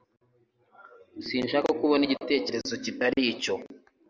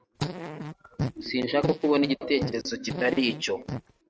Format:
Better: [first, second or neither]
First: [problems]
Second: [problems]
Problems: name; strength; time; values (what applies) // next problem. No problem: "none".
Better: first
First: none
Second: noise reduction (neural mask model RNNoise)